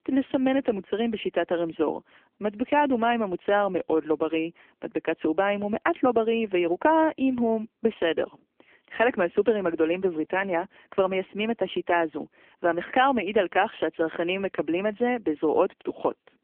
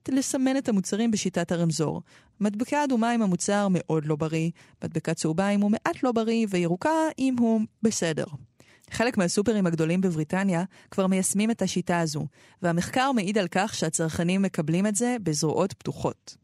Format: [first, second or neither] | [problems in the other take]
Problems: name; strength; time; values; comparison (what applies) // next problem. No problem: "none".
second | phone-call audio; poor line; nothing above 3 kHz